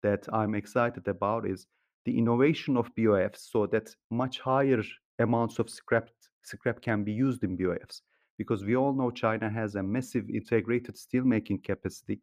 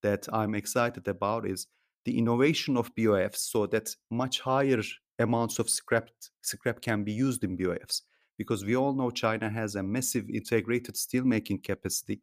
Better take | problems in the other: second | muffled; slightly; fading above 3.5 kHz

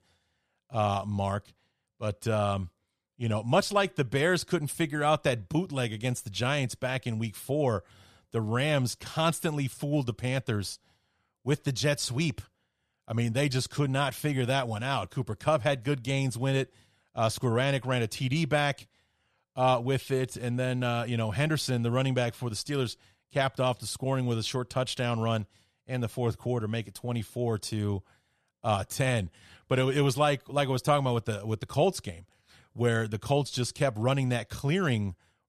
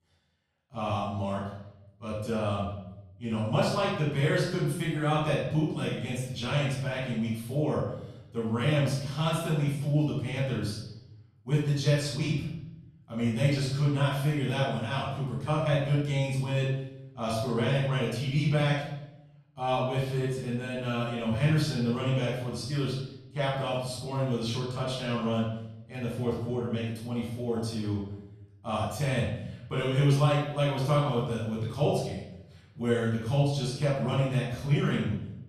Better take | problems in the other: first | room echo; noticeable; dies away in 0.8 s // off-mic speech; far

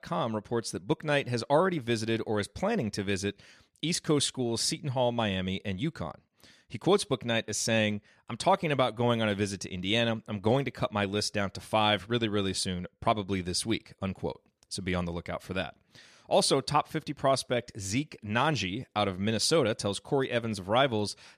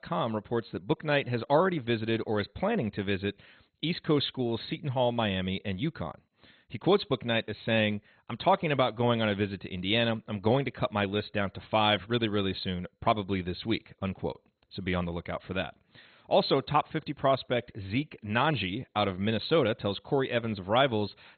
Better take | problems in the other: first | garbled, watery; badly; nothing above 4 kHz

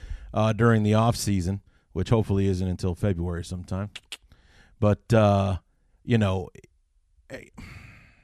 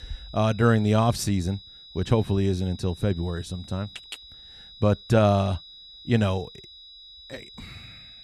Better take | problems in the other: first | high-pitched whine; noticeable; throughout; 4 kHz, 20 dB below the speech

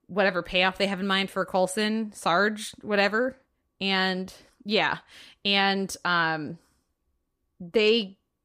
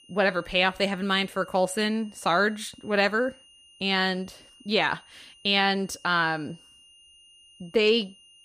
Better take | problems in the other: first | high-pitched whine; faint; throughout; 3 kHz, 25 dB below the speech

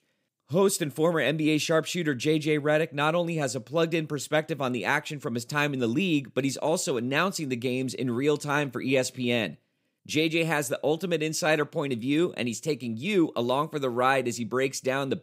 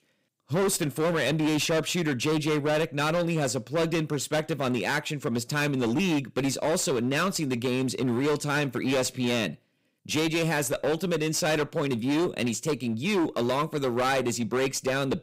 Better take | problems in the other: first | distortion; heavy; 21% of the sound clipped

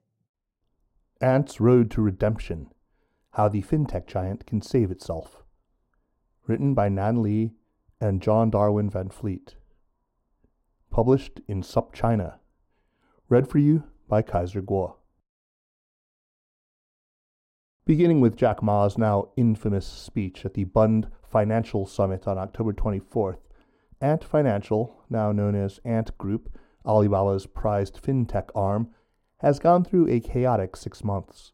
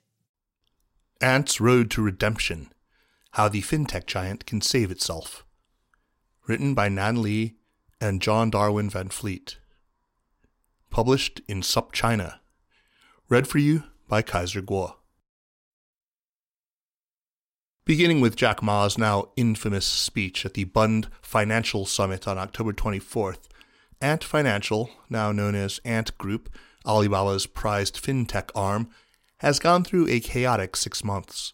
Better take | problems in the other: second | muffled; very; fading above 1.5 kHz

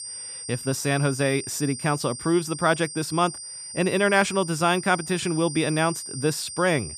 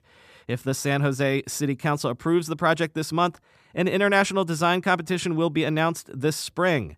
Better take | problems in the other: second | high-pitched whine; loud; throughout; 8.5 kHz, 10 dB below the speech

